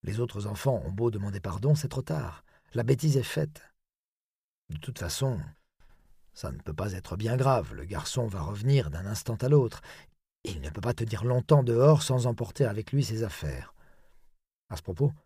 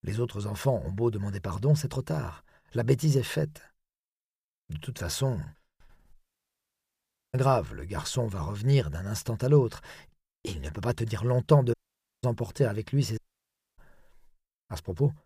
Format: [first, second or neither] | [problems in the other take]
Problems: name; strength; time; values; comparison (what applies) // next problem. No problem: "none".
first | audio cutting out; at 6 s for 1 s, at 12 s and at 13 s for 0.5 s